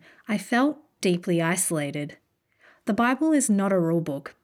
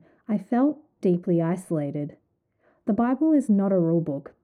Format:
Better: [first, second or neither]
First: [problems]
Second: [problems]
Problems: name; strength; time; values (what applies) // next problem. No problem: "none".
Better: first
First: none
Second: muffled; very; fading above 1.5 kHz